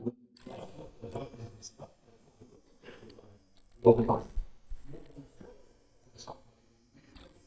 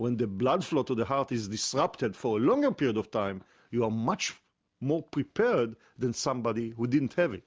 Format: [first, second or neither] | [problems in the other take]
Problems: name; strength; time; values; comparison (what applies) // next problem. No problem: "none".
second | noise reduction (neural mask model DeepFilterNet 3)